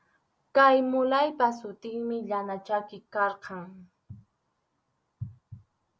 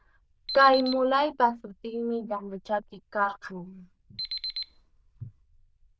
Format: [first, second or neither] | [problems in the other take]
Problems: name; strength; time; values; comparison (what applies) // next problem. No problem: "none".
first | noise reduction (neural diffusion model UNIVERSE++)